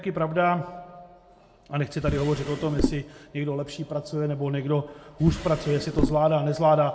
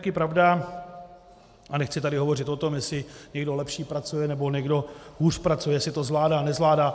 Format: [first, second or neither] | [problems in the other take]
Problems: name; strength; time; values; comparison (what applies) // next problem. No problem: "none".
second | background sound (Drawer open or close); 3 dB below the speech // room echo; dies away in 0.2 s